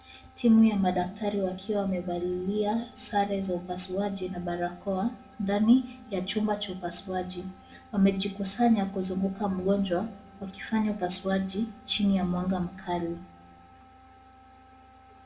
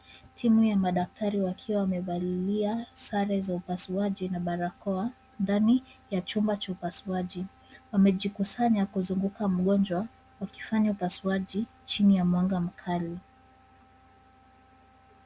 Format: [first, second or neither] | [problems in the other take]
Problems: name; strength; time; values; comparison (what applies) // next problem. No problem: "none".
second | room echo; dies away in 0.8 s